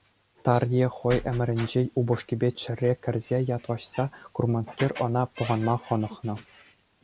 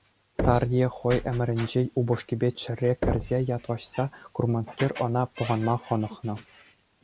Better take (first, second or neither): first